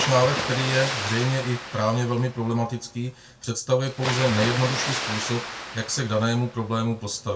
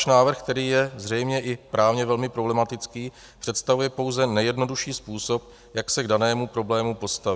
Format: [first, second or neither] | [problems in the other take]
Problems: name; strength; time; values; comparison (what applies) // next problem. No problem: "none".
second | background sound (Water); 7 dB below the speech // room echo; dies away in 0.2 s